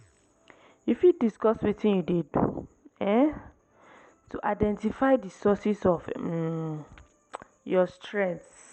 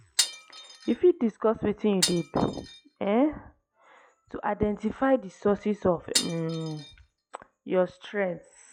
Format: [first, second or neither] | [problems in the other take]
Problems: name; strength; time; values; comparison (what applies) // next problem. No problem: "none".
first | noise reduction (classical method log-MMSE)